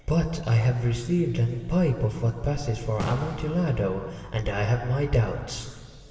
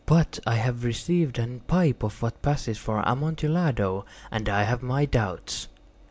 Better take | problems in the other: second | background sound (Fireworks); 12 dB below the speech // room echo; dies away in 2.3 s

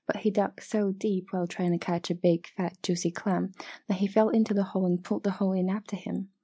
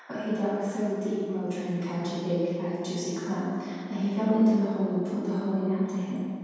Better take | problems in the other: first | room echo; dies away in 2.1 s

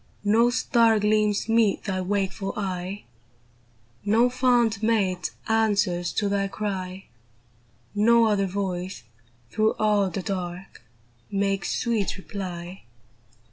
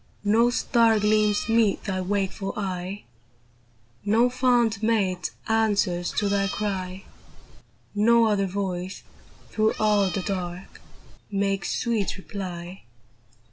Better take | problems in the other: first | background sound (Meow); 12 dB below the speech

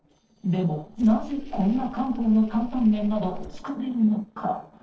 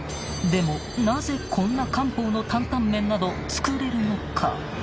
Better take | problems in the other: second | noise reduction (neural separator model SepFormer DNS4)

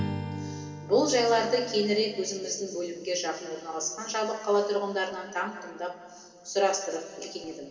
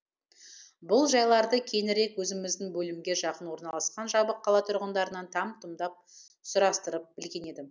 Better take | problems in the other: second | background sound (Strum); 13 dB below the speech // room echo; dies away in 2.5 s

